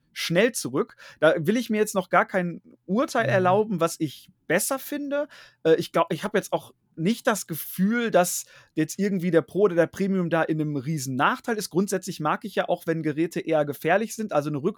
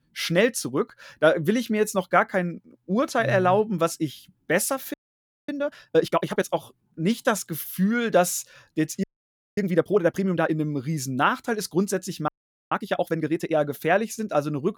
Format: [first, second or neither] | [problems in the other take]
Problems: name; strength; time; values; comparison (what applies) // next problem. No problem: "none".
first | audio freezing; at 5 s for 0.5 s, at 9 s for 0.5 s and at 12 s